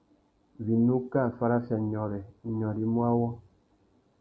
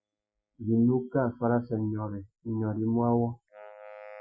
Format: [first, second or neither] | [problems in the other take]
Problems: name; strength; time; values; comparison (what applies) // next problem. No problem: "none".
first | noise reduction (classical method Wiener filter)